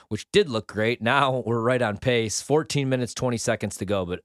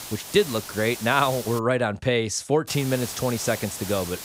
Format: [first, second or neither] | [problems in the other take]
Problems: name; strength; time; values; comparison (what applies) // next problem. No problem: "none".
first | hiss; noticeable; until 1.5 s and from 2.5 s on; 10 dB below the speech